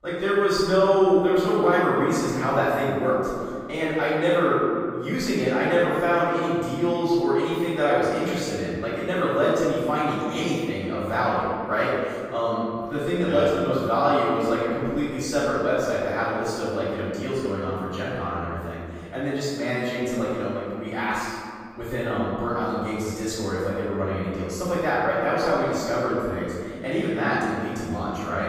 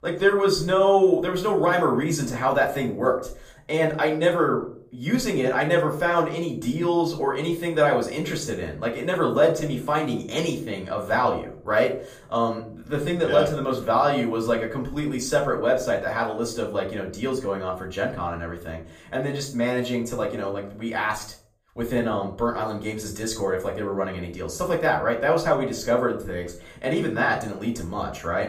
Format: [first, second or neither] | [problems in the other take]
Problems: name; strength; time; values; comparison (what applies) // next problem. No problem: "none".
second | room echo; strong; dies away in 2 s; slight in the second // off-mic speech; far; far in the second